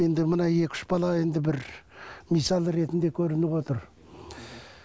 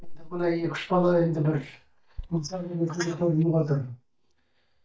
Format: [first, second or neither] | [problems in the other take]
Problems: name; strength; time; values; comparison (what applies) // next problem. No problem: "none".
first | noise reduction (neural mask model DeepFilterNet 3)